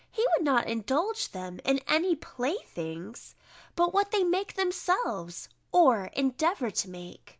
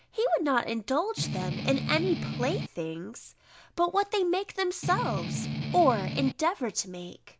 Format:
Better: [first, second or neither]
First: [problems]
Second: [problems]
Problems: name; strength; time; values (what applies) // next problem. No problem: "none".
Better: first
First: none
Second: background sound (Strum); 3 dB below the speech